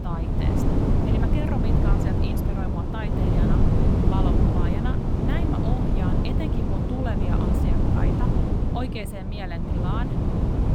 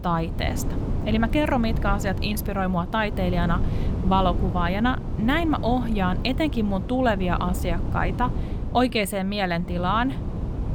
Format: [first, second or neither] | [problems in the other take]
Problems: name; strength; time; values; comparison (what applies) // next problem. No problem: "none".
second | wind noise on the microphone; heavy; 4 dB above the speech; occasional gusts in the second